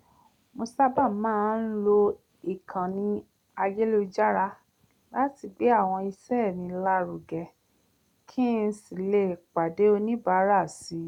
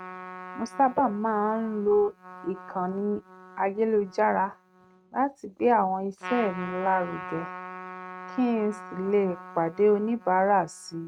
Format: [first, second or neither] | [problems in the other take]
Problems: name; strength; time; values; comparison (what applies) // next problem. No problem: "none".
first | noise reduction (neural mask model RNNoise)